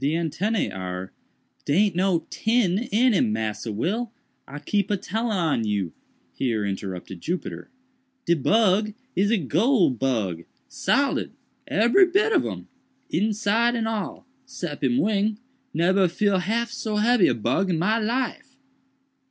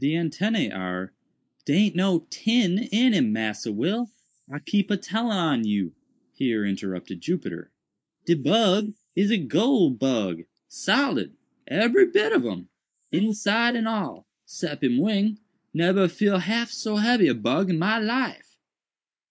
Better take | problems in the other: first | noise reduction (neural mask model Resemble Enhance denoiser)

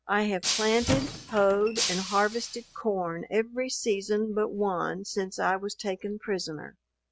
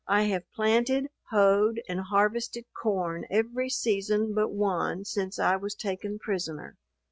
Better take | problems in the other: second | background sound (Squeak / Wood + Shatter); 4 dB below the speech

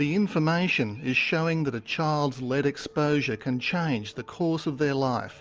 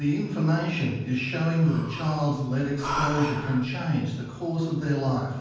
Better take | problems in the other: first | background sound (Breathing); 11 dB below the speech // room echo; dies away in 1.2 s

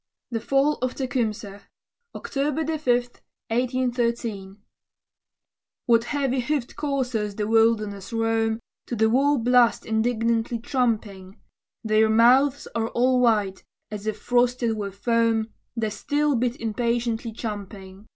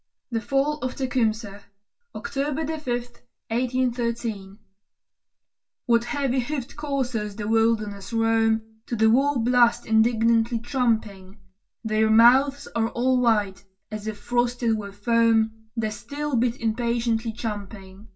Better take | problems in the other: first | room echo; dies away in 0.2 s

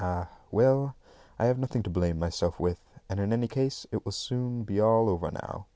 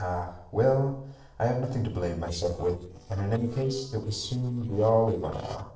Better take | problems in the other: first | noise reduction (neural separator model SepFormer DNS4)

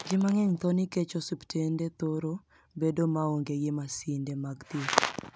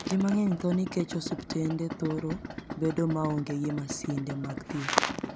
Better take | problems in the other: first | background sound (Idling); 9 dB below the speech

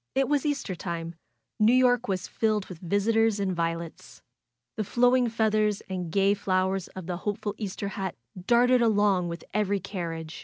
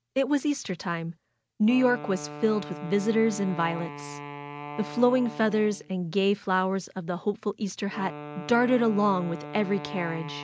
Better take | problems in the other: first | background sound (Wind instrument, woodwind instrument); 14 dB below the speech

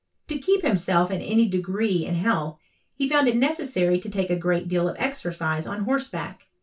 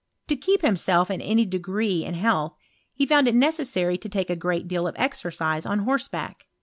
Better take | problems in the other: second | room echo; dies away in 0.2 s

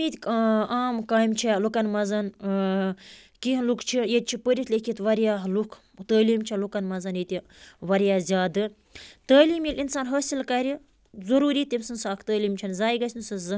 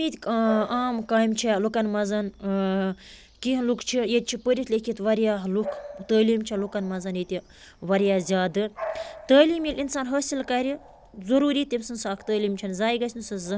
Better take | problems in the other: first | background sound (Bark / Bird vocalization, bird call, bird song); 18 dB below the speech

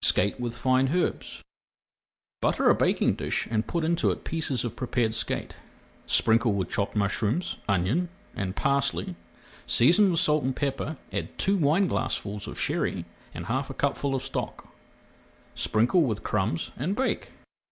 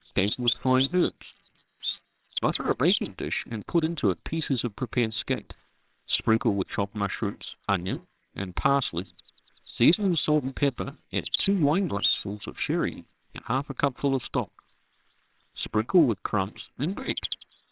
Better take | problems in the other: first | noise reduction (neural separator model SepFormer WHAMR!)

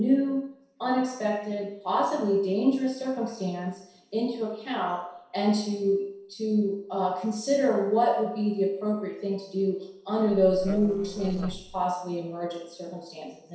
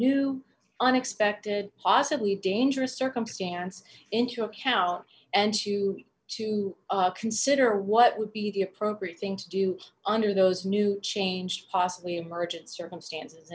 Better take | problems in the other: second | noise reduction (neural separator model SepFormer DNS4)

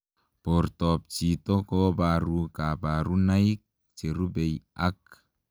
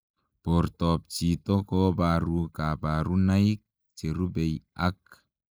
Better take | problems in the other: first | noise reduction (neural mask model Resemble Enhance denoiser)

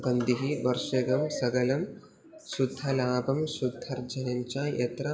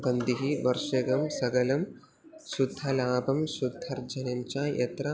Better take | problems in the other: second | room echo; dies away in 0.7 s

